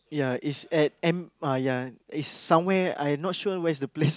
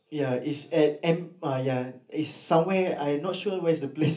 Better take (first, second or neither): first